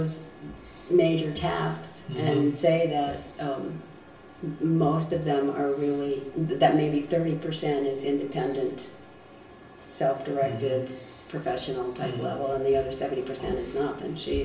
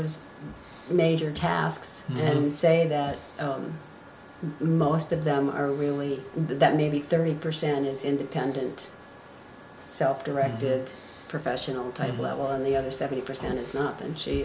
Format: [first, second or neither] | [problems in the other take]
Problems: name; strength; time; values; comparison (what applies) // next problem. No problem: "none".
second | room echo; dies away in 0.7 s